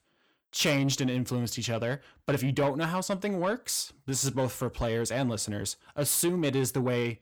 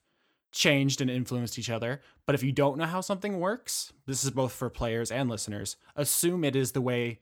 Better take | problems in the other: second | distortion; slight; 10 dB below the speech

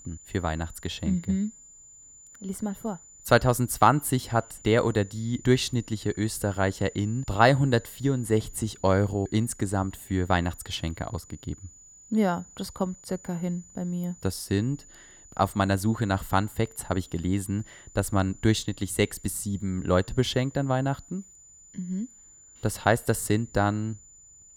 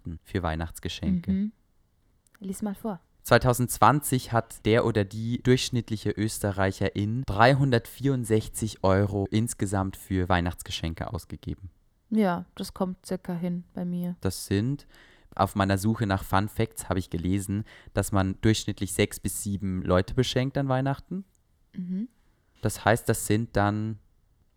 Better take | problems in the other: second | high-pitched whine; faint; throughout; 7 kHz, 20 dB below the speech

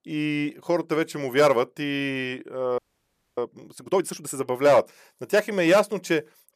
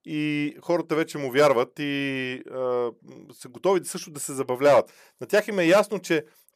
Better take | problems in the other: second | audio freezing; at 3 s for 0.5 s

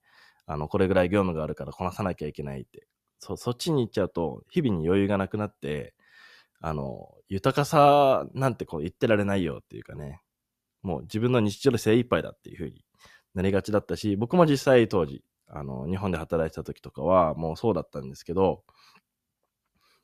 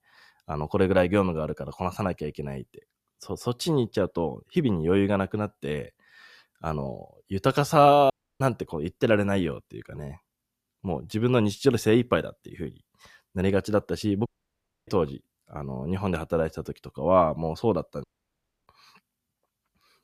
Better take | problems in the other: first | audio cutting out; at 8 s, at 14 s for 0.5 s and at 18 s for 0.5 s

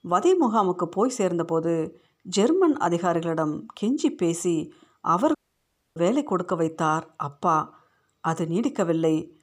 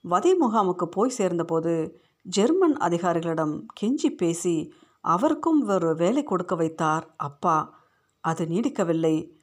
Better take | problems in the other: second | audio cutting out; at 5.5 s for 0.5 s

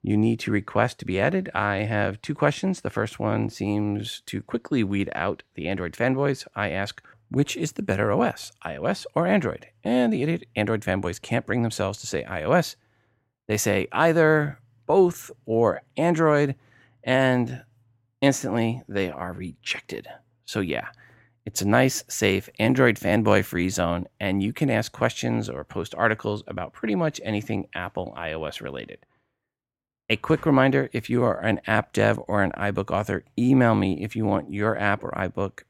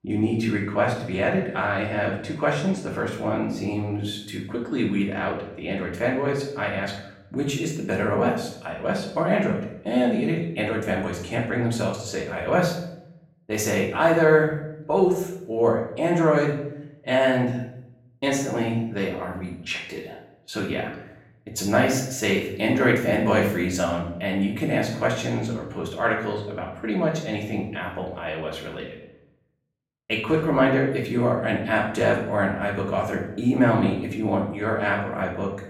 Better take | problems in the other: first | room echo; noticeable; dies away in 0.6 s // off-mic speech; far

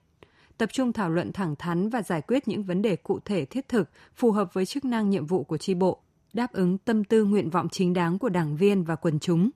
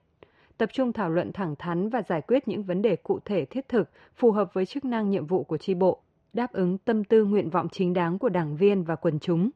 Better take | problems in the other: first | muffled; slightly; fading above 3 kHz

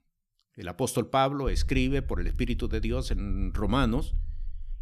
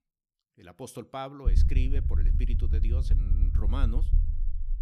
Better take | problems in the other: first | low rumble; loud; from 1.5 s on; 6 dB below the speech; faint in the first

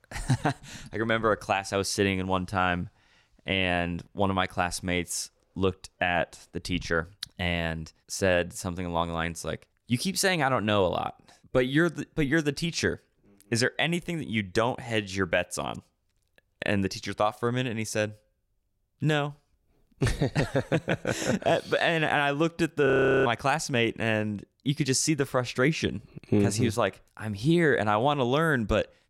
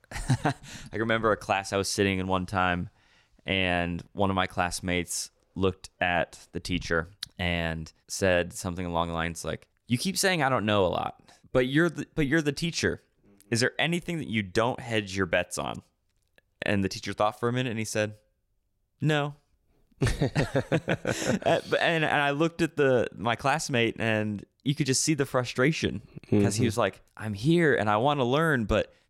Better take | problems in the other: second | audio freezing; at 23 s

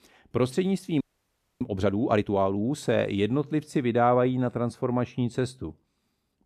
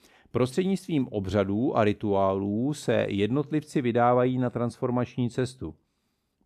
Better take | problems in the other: second | audio freezing; at 1 s for 0.5 s

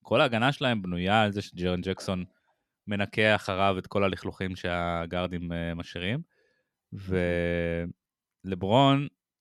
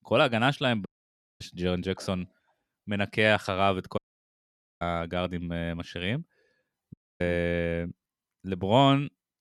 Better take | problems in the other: first | audio cutting out; at 1 s for 0.5 s, at 4 s for 1 s and at 7 s

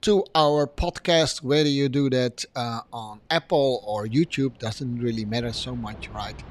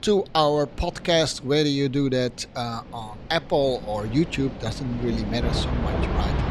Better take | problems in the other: first | rain or running water; loud; throughout; 6 dB below the speech; faint in the first

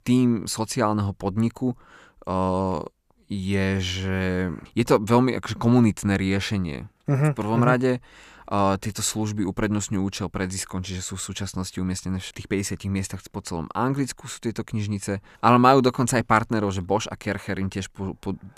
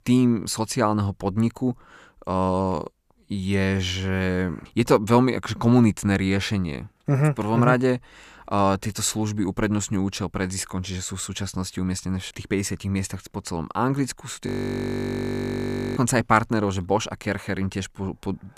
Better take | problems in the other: first | audio freezing; at 14 s for 1.5 s

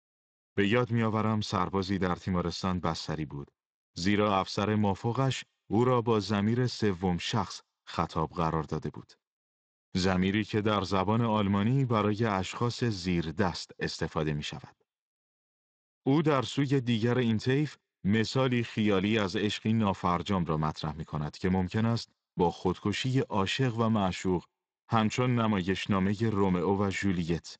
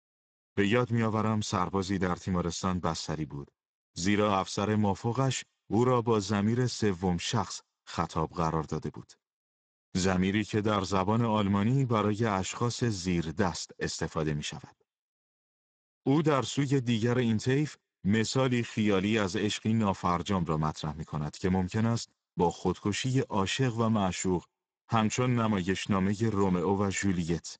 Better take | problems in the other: first | garbled, watery; badly; nothing above 7.5 kHz; slightly in the first

